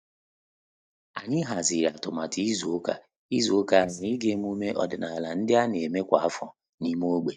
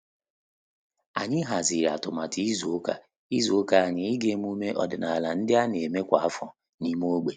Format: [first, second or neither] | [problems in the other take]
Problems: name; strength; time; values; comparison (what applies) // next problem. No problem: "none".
second | noise reduction (neural mask model DeepFilterNet 3)